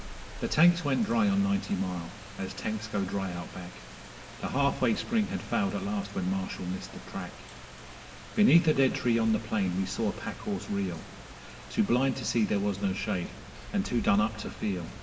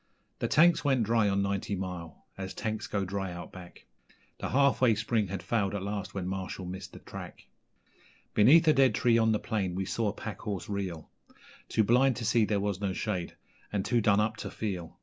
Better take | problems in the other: second | background sound (Rain); 14 dB below the speech // room echo; dies away in 2.1 s

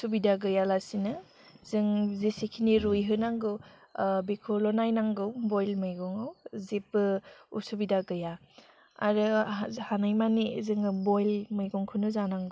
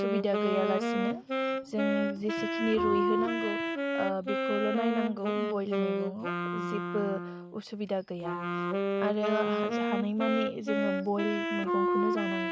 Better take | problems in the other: first | background sound (Wind instrument, woodwind instrument); 2 dB above the speech

